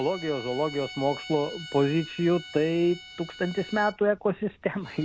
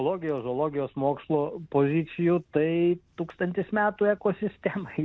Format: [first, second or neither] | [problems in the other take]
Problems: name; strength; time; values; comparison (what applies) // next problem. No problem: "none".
second | background sound (Bowed string instrument); 16 dB below the speech